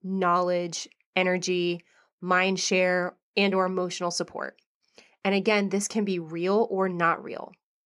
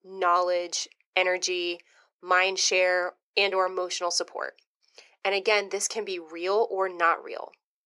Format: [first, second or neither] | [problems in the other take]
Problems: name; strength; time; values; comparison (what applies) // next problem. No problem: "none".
first | thin; very; fading below 400 Hz